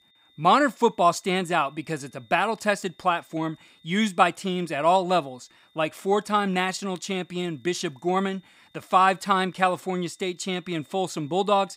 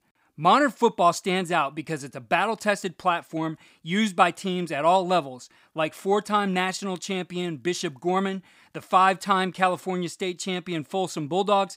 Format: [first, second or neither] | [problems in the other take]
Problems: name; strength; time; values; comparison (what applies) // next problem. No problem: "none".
second | high-pitched whine; faint; throughout; 3.5 kHz, 35 dB below the speech